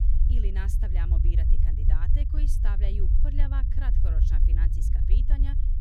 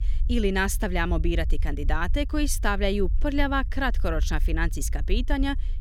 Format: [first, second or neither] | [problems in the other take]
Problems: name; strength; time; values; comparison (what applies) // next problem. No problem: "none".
second | low rumble; loud; throughout; 1 dB below the speech; faint in the second